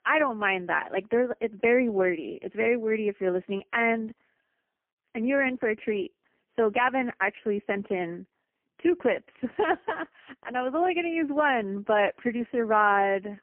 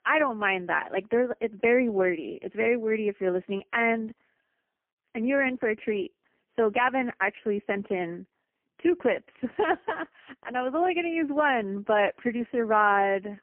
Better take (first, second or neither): neither